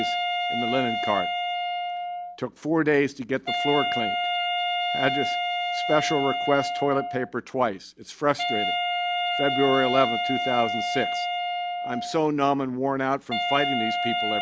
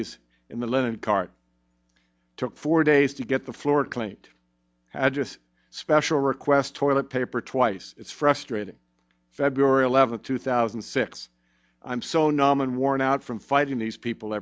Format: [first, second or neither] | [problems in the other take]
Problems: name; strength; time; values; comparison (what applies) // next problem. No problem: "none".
second | background sound (Wind instrument, woodwind instrument); 1 dB below the speech